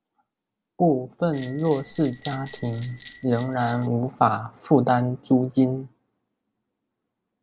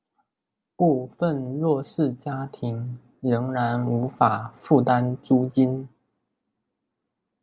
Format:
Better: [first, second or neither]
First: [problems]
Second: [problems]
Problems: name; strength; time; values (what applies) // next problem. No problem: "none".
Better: second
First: background sound (Bell); 20 dB below the speech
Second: none